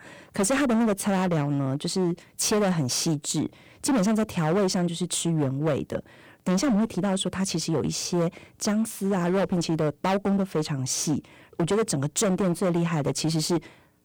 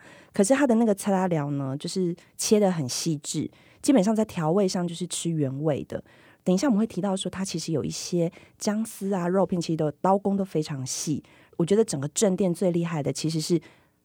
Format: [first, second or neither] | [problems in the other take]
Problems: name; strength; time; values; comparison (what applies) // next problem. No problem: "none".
second | distortion; heavy; 15% of the sound clipped